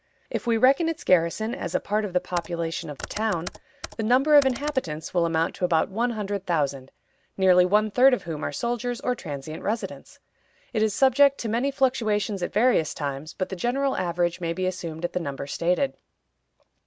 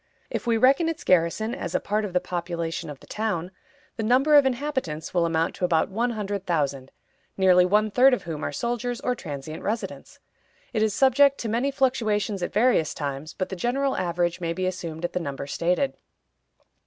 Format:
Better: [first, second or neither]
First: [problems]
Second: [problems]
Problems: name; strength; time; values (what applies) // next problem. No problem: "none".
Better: second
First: background sound (Computer keyboard); 16 dB below the speech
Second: none